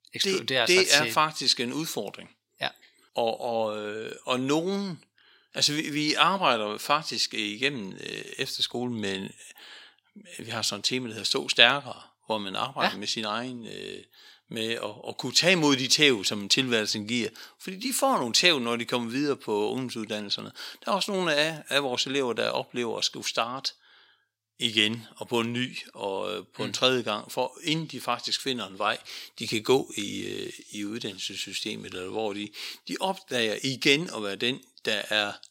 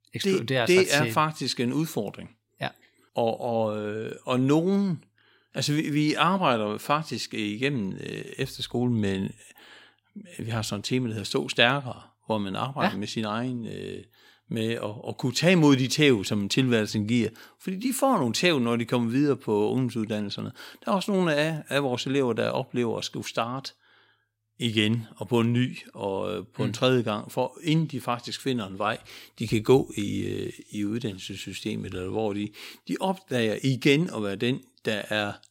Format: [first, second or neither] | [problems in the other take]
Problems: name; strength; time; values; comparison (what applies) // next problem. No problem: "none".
second | thin; very slightly; fading below 500 Hz